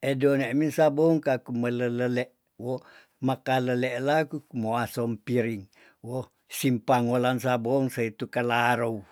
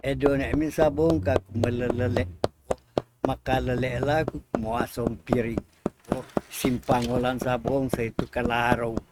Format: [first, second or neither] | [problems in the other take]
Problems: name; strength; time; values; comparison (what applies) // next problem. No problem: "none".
first | noise reduction (neural mask model RNNoise)